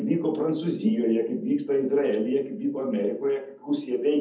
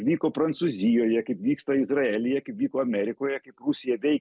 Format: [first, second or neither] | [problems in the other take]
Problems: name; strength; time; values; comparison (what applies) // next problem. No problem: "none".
second | room echo; dies away in 0.7 s